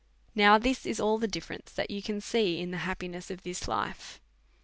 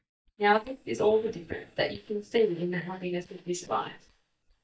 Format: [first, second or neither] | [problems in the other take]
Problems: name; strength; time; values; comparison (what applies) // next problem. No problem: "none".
first | noise reduction (neural mask model DeepFilterNet 3)